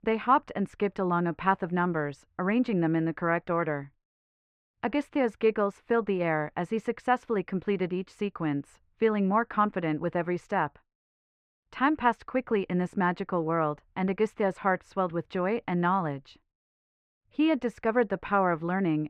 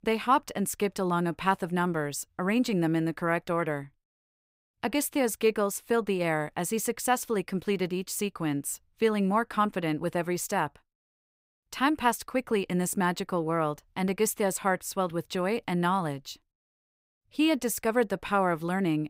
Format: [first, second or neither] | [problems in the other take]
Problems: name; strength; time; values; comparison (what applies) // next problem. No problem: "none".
second | muffled; very; fading above 2 kHz